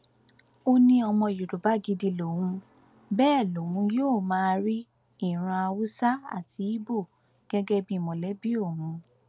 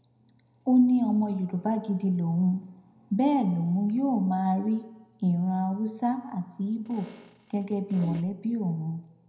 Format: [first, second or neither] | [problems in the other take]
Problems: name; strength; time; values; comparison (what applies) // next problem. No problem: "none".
first | background sound (Fart); 18 dB below the speech // room echo; dies away in 0.8 s